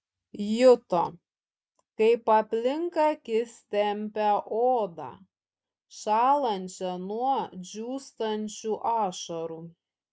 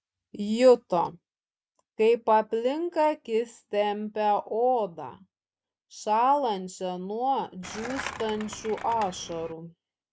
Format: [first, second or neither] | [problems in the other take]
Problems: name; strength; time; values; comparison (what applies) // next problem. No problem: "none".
first | background sound (Skateboard); 12 dB below the speech